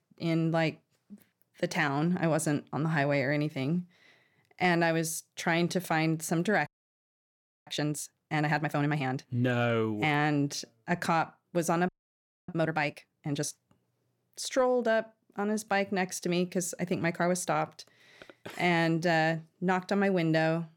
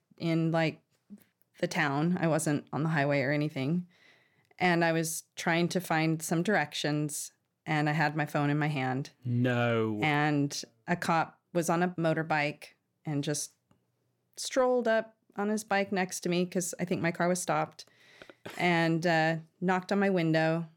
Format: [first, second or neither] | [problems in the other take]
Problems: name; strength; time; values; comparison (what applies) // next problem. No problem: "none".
second | audio freezing; at 6.5 s for 1 s and at 12 s for 0.5 s